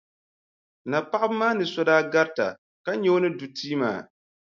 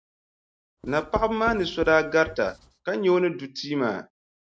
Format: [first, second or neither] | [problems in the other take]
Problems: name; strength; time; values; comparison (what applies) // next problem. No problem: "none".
first | background sound (Writing); 14 dB below the speech